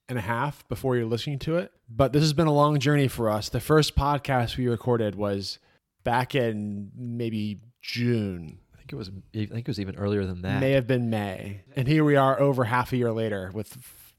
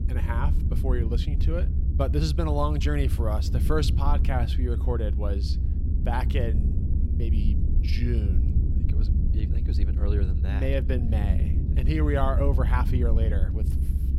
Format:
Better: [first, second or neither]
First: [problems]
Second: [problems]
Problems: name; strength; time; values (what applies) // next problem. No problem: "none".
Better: first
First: none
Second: low rumble; loud; throughout; 9 dB below the speech